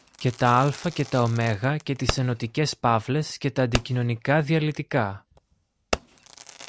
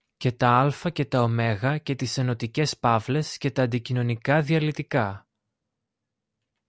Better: second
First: background sound (Fireworks); 12 dB below the speech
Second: none

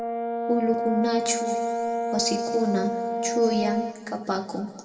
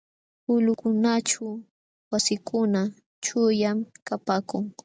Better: second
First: background sound (Brass instrument); 1 dB below the speech // room echo; dies away in 1.8 s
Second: none

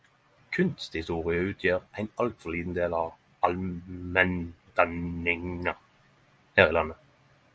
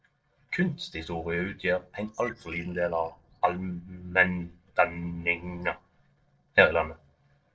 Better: first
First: none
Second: noise reduction (neural separator model SepFormer DNS4)

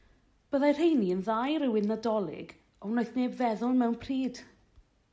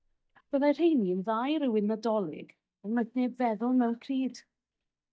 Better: first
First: none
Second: noise reduction (neural mask model DeepFilterNet 3)

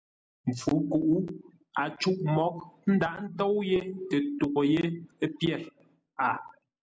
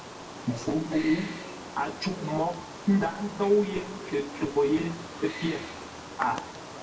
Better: first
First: none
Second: background sound (Wild animals); 11 dB below the speech // room echo; dies away in 0.2 s

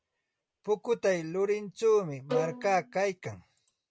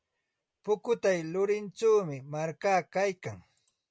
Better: second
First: background sound (Bowed string instrument); 4 dB below the speech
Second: none

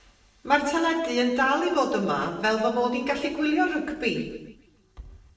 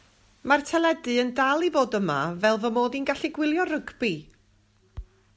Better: second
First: noise reduction (neural separator model SepFormer DNS4)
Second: none

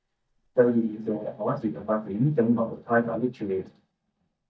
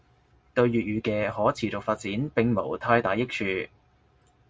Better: second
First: noise reduction (neural mask model DeepFilterNet 3)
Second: none

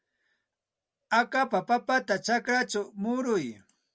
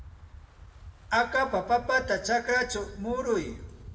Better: first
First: none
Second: background sound (Wind); 16 dB below the speech // room echo; dies away in 0.7 s

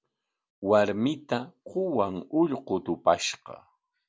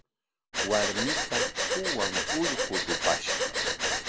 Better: first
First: none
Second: background sound (Breathing); 4 dB above the speech

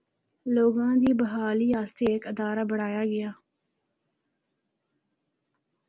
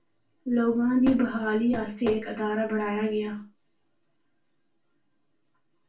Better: first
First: none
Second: room echo; dies away in 0.3 s

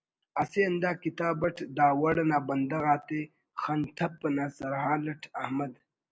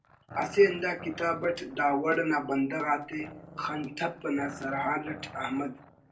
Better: first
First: none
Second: background sound (Growling); 18 dB below the speech // room echo; dies away in 0.2 s

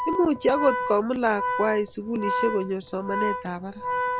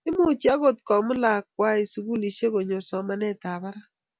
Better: second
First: background sound (Organ); 4 dB below the speech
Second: none

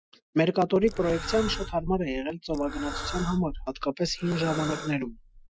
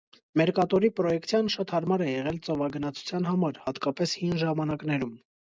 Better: second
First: noise reduction (classical method Wiener filter)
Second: none

